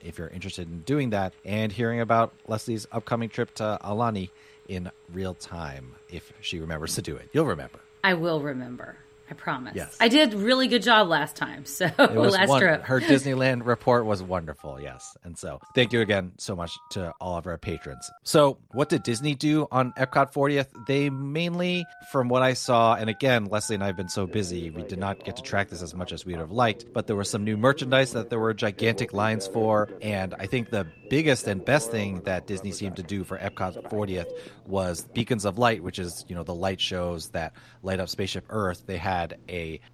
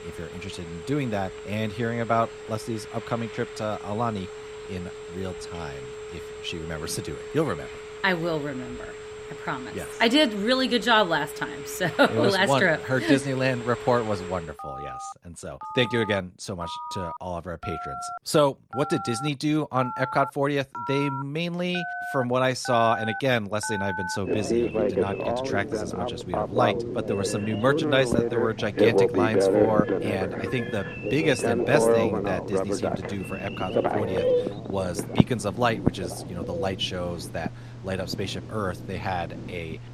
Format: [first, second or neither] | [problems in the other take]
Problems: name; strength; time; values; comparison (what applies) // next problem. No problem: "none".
first | alarms or sirens; loud; throughout; 3 dB below the speech; faint in the first